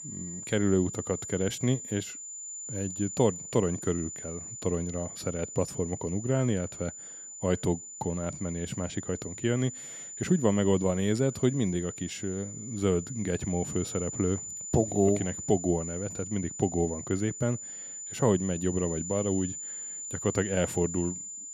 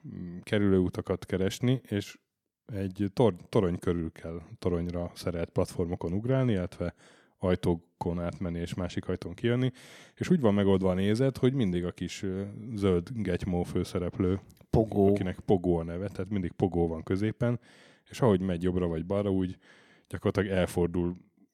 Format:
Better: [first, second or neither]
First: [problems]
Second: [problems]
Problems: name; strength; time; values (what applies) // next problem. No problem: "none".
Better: second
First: high-pitched whine; loud; throughout; 7 kHz, 8 dB below the speech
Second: none